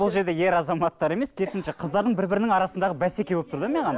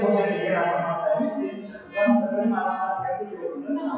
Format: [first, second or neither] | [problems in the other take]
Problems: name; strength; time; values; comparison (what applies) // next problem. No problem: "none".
first | noise reduction (classical method WPE with log-MMSE)